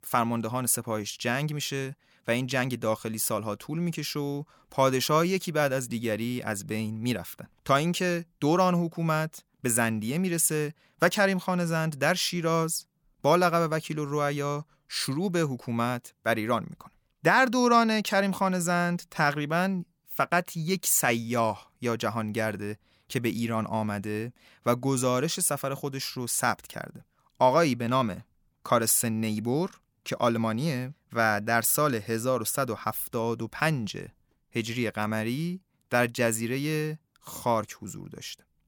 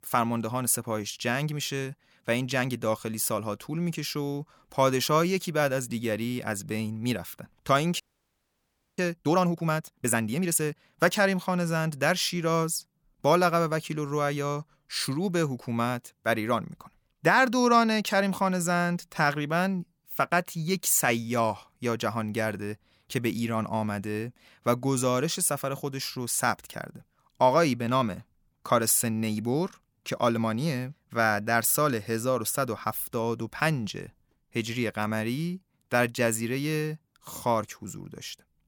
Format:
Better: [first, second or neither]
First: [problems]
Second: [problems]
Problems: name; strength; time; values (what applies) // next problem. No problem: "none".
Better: first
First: none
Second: audio freezing; at 8 s for 1 s